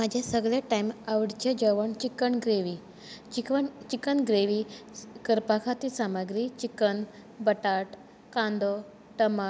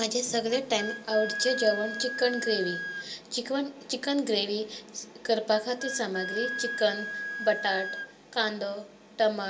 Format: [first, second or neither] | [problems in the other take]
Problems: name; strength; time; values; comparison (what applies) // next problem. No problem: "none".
first | background sound (Wind instrument, woodwind instrument); 8 dB below the speech // room echo; dies away in 0.2 s